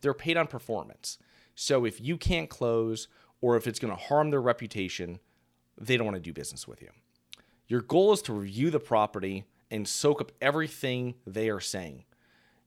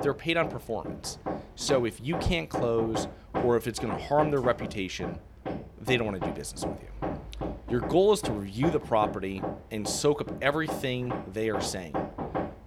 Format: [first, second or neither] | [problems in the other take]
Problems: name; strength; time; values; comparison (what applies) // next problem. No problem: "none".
first | machinery noise; loud; throughout; 7 dB below the speech